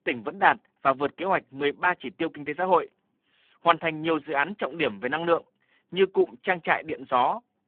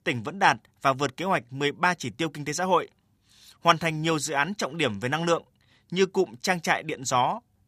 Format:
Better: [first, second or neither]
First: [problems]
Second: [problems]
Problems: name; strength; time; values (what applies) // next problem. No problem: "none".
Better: second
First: phone-call audio; poor line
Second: none